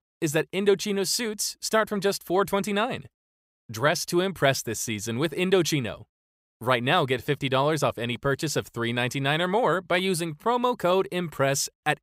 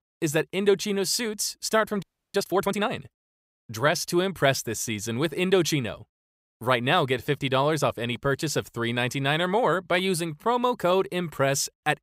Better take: first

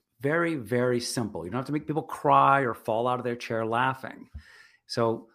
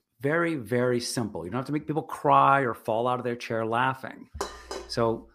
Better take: first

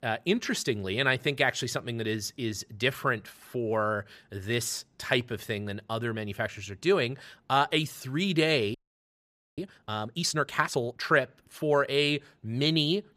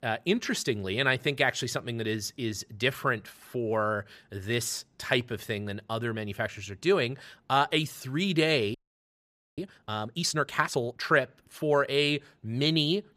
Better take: neither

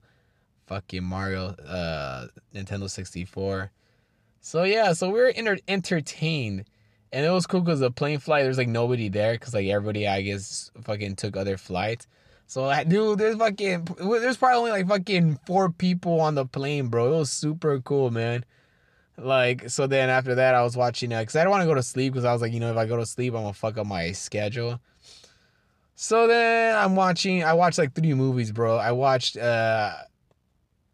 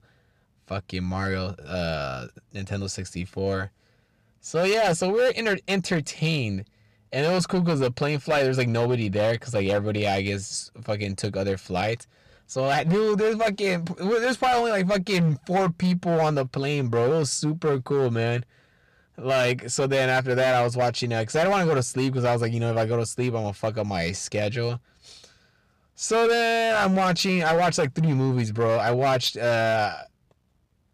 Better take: first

